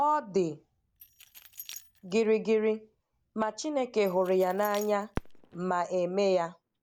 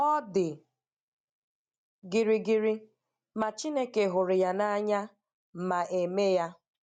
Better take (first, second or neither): second